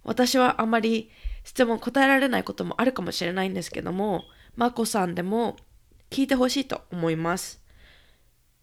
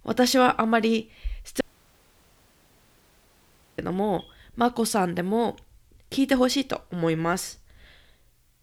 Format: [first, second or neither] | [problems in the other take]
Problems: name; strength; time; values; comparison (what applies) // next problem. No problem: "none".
first | audio cutting out; at 1.5 s for 2 s